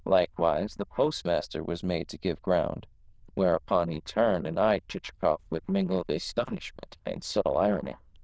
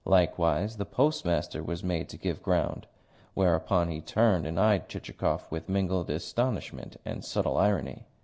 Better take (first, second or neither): second